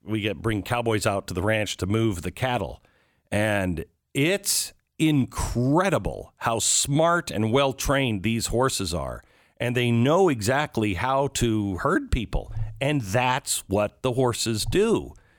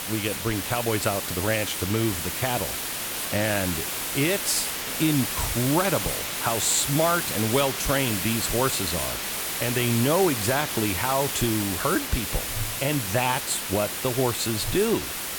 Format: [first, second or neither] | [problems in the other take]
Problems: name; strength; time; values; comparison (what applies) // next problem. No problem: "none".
first | hiss; loud; throughout; 2 dB below the speech